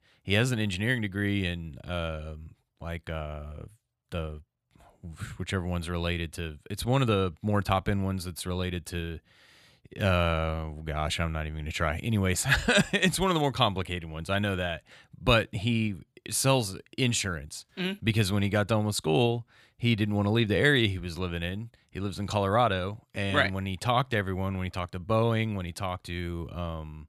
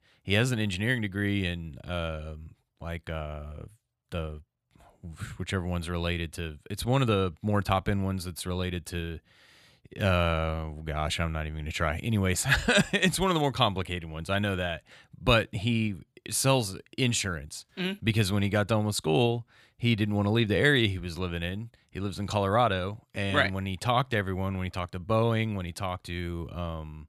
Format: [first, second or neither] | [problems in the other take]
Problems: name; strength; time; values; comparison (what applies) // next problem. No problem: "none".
neither | none